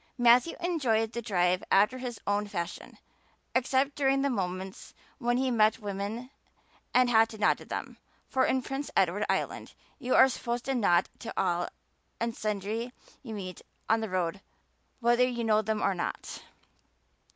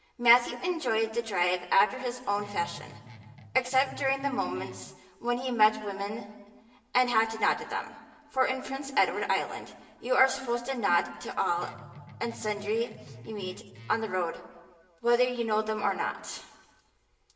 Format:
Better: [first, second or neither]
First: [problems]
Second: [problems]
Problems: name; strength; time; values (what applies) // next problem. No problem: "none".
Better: first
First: none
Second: background sound (Guitar); 18 dB below the speech // room echo; dies away in 1.3 s